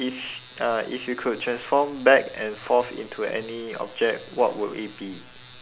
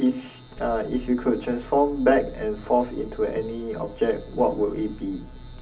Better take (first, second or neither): first